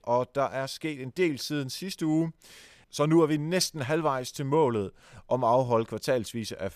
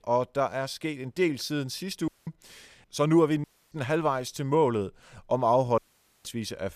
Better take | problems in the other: first | audio cutting out; at 2 s, at 3.5 s and at 6 s

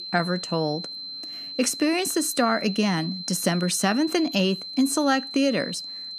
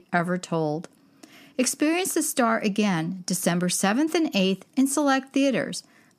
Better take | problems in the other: second | high-pitched whine; loud; throughout; 4 kHz, 9 dB below the speech

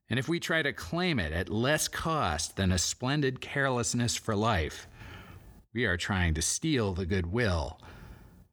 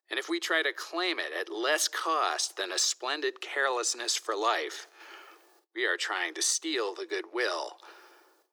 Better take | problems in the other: first | thin; very; fading below 350 Hz

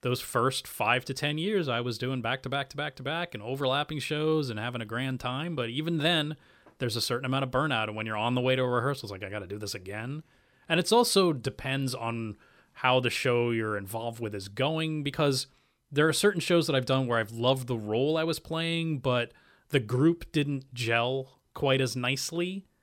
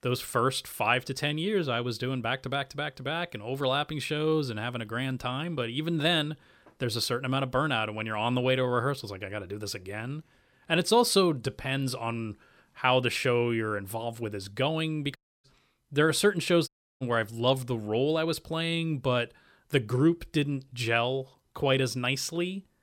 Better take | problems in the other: first | audio cutting out; at 15 s and at 17 s

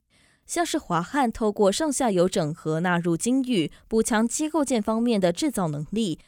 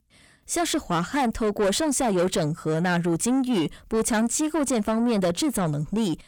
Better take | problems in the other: first | distortion; slight; 10 dB below the speech

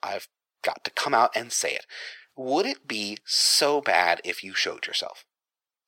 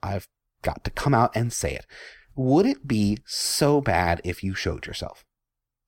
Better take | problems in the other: second | thin; very; fading below 550 Hz

